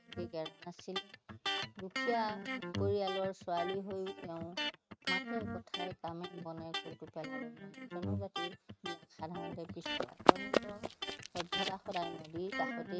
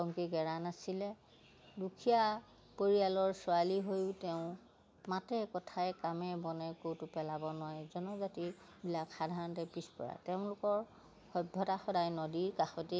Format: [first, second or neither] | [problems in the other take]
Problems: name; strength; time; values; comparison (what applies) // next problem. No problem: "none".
second | noise reduction (neural mask model RNNoise)